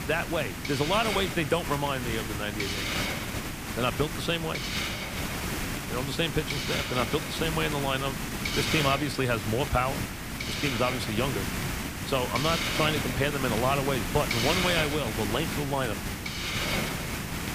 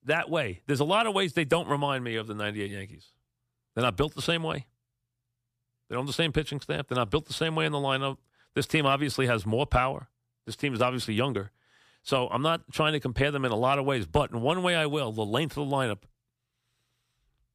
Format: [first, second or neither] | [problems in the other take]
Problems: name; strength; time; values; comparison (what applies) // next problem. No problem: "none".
second | hiss; loud; throughout; 2 dB below the speech